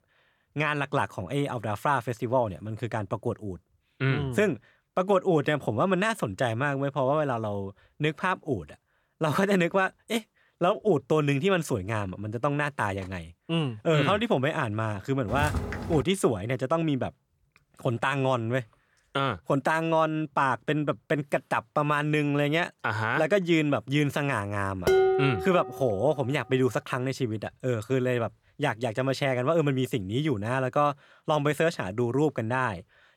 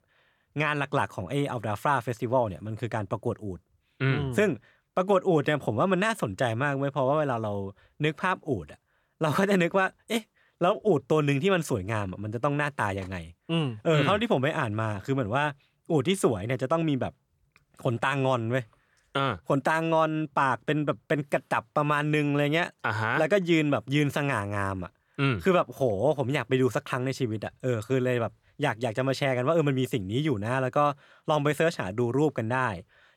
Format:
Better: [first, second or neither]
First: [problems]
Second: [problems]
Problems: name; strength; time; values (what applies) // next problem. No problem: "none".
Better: second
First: footsteps; noticeable; at 15 s; peak 4 dB below the speech // clattering dishes; loud; at 25 s; peak 5 dB above the speech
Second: none